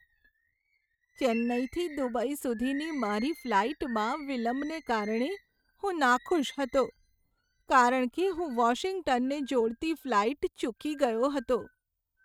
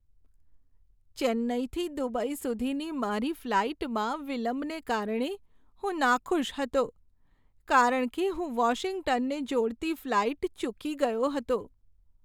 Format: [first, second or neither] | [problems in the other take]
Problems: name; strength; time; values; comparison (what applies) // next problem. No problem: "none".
second | noise reduction (neural mask model RNNoise)